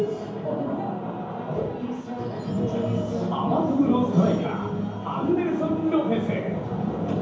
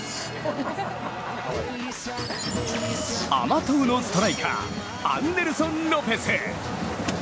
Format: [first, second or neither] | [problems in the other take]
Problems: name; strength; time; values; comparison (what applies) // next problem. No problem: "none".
second | room echo; dies away in 0.9 s